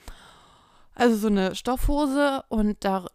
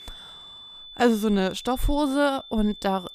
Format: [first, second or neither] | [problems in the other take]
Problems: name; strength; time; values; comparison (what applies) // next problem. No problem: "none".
first | high-pitched whine; noticeable; throughout; 3.5 kHz, 15 dB below the speech